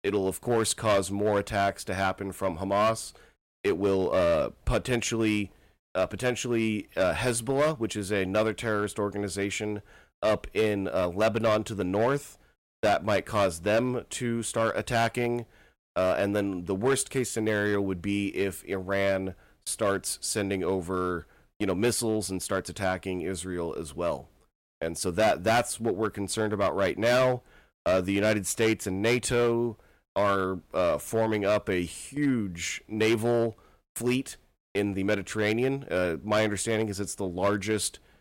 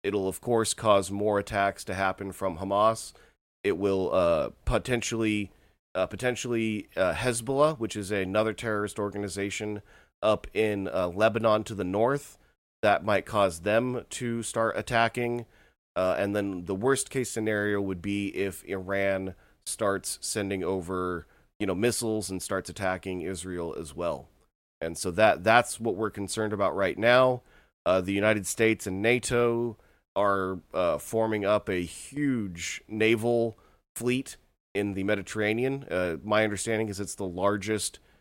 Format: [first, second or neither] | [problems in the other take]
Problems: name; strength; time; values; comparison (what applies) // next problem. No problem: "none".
second | distortion; slight; 4% of the sound clipped